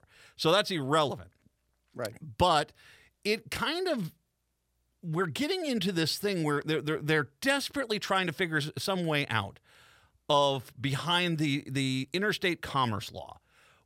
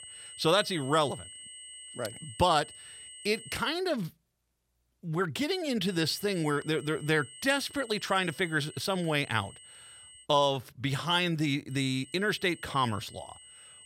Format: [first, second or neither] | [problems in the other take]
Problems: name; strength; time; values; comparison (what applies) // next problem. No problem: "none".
first | high-pitched whine; noticeable; until 3.5 s, from 6 to 10 s and from 12 s on; 3 kHz, 15 dB below the speech